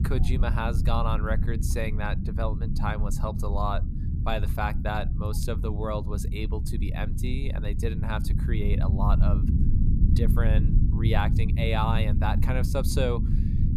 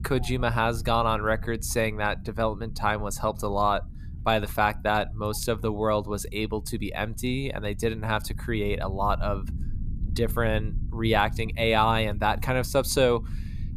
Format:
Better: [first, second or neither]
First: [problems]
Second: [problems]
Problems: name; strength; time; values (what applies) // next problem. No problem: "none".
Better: second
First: low rumble; loud; throughout; 8 dB below the speech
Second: low rumble; faint; throughout; 25 dB below the speech